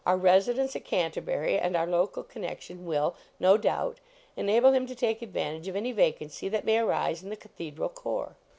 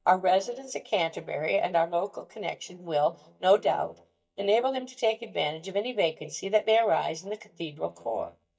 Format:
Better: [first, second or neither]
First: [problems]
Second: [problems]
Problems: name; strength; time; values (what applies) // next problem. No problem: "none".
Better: first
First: none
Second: noise reduction (neural mask model DeepFilterNet 3)